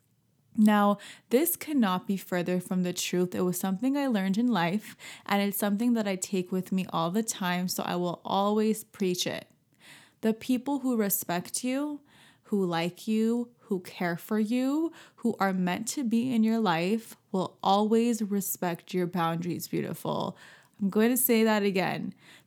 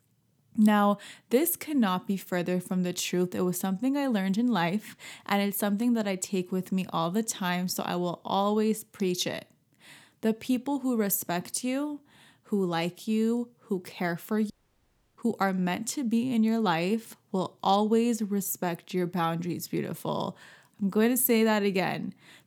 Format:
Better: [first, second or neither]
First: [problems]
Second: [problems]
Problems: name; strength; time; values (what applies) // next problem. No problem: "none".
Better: first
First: none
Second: audio cutting out; at 15 s for 0.5 s